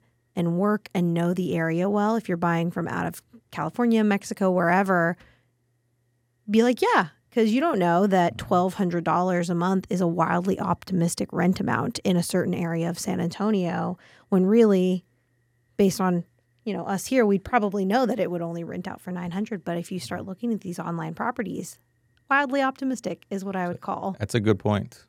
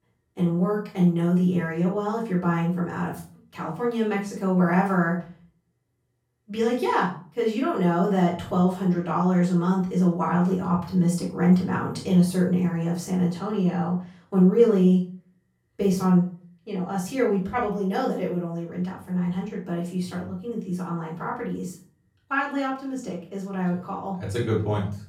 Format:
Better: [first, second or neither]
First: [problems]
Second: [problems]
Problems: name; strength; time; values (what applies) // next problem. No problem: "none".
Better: first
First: none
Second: off-mic speech; far // room echo; noticeable; dies away in 0.4 s